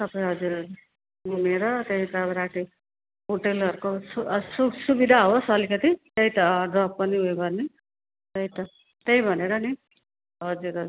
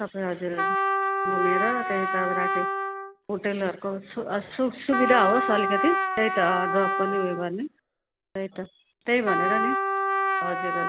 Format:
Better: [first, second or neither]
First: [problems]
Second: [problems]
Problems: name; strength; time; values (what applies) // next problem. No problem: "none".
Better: first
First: none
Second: background sound (Trumpet); as loud as the speech